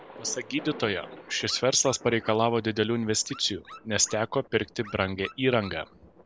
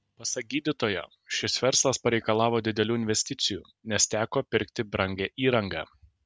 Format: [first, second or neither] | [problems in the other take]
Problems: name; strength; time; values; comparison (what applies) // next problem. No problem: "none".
second | background sound (Thunder + Dog); 19 dB below the speech